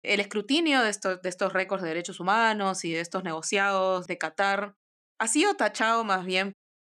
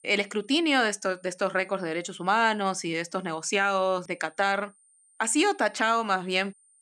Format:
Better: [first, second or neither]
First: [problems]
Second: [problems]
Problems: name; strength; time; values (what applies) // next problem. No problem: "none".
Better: first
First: none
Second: high-pitched whine; faint; throughout; 9 kHz, 30 dB below the speech